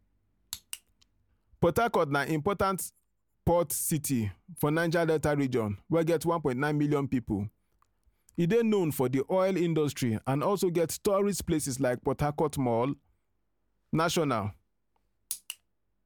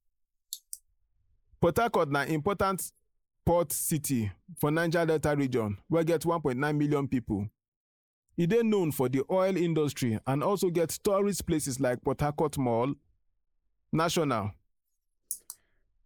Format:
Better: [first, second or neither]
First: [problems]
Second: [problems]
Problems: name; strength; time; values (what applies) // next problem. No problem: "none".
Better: first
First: none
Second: noise reduction (neural mask model Resemble Enhance denoiser)